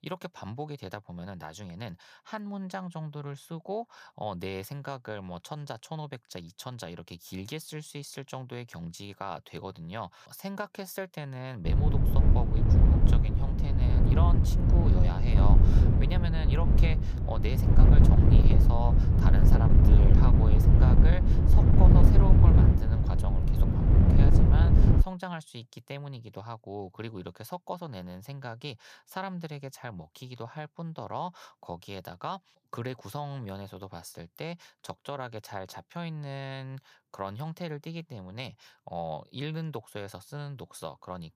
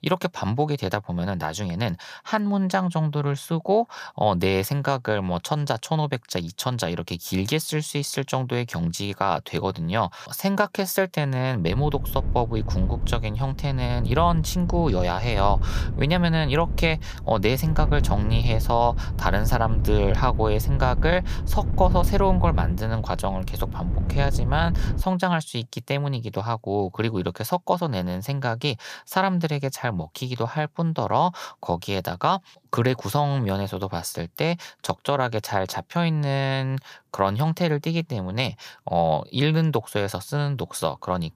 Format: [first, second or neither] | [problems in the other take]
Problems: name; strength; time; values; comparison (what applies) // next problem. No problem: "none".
second | wind noise on the microphone; heavy; from 12 to 25 s; 4 dB above the speech; occasional gusts in the second